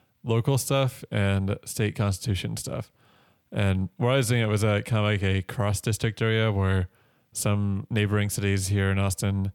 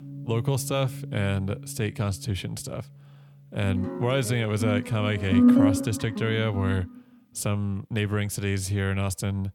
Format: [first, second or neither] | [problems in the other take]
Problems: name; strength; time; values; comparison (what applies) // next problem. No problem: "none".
first | background music; very loud; until 6 s; as loud as the speech